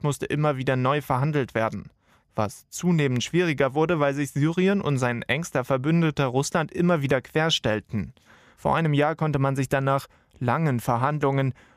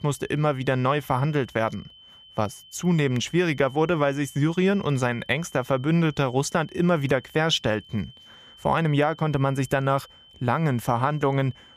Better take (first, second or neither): first